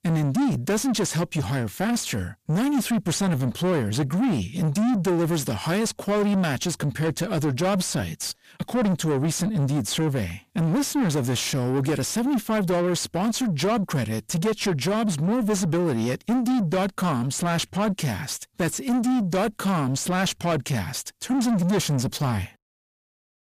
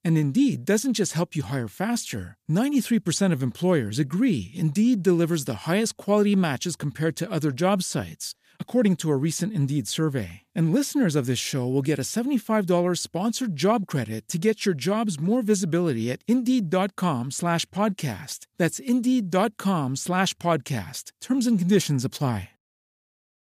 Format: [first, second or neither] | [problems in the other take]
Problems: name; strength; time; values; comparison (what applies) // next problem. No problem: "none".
second | distortion; heavy; 7 dB below the speech